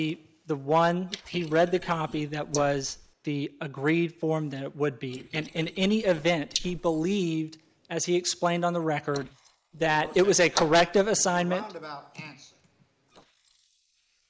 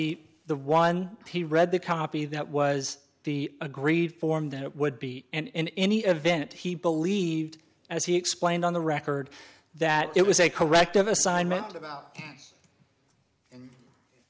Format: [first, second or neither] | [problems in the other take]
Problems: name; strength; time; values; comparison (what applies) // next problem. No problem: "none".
second | noise reduction (neural mask model Resemble Enhance denoiser)